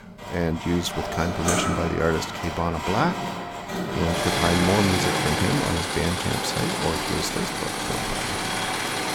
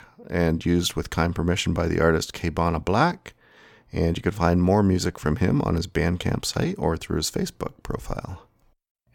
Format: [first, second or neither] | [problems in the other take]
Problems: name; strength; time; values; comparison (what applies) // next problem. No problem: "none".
second | machinery noise; very loud; throughout; 1 dB above the speech